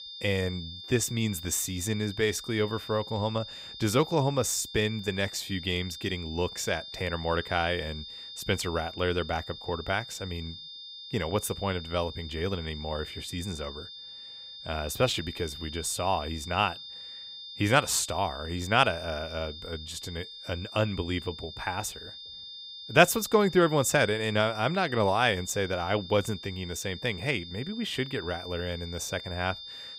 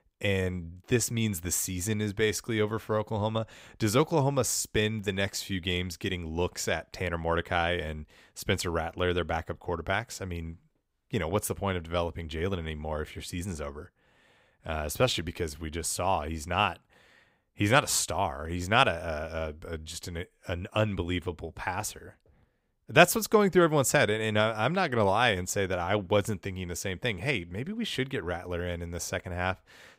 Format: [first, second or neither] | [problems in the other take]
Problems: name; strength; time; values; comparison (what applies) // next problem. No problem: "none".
second | high-pitched whine; noticeable; throughout; 3.5 kHz, 10 dB below the speech